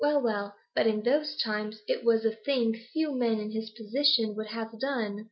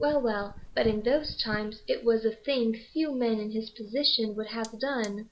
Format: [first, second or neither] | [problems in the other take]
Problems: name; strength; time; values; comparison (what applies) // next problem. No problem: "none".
first | background sound (Fire); 17 dB below the speech